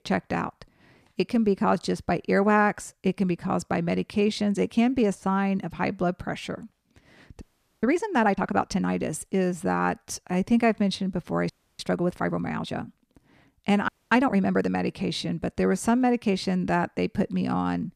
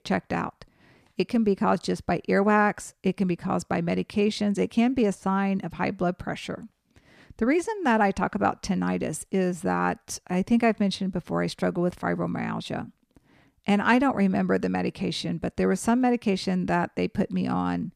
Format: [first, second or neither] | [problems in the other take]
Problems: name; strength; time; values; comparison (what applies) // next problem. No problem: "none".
second | audio freezing; at 7.5 s, at 12 s and at 14 s